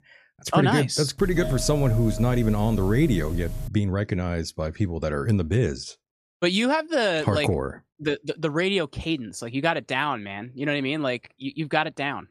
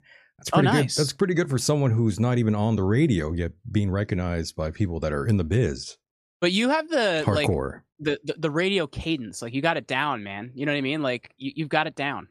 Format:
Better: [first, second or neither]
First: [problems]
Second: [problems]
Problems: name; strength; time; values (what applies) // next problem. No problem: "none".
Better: second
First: doorbell; noticeable; from 1 to 3.5 s; peak 7 dB below the speech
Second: none